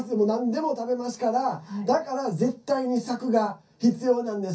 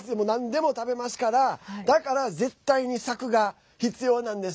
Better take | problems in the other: second | room echo; dies away in 0.3 s

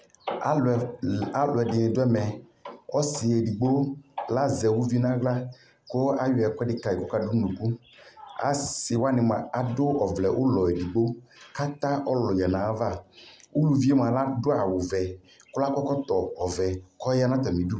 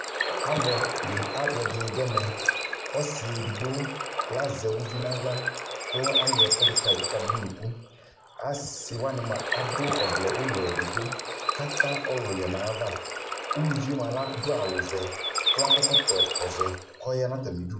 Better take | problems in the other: first | background sound (Water / Bird); 2 dB above the speech // room echo; dies away in 0.6 s

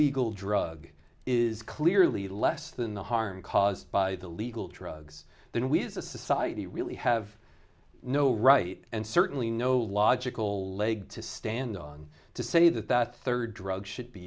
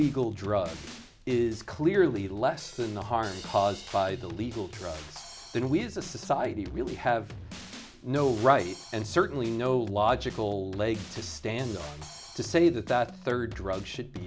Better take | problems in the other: first | background sound (Drum kit); 15 dB below the speech

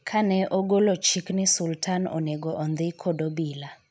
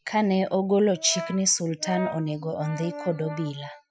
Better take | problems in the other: first | noise reduction (classical method Wiener filter)

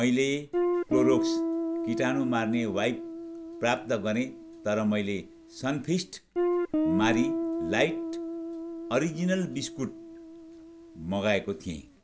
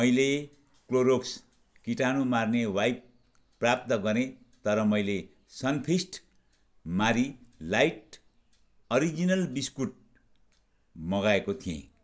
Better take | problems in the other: second | background sound (Guitar); 2 dB below the speech

